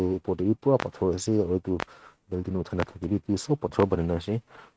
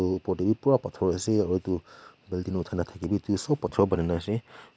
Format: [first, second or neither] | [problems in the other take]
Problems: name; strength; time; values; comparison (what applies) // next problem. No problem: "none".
second | noise reduction (neural mask model RNNoise)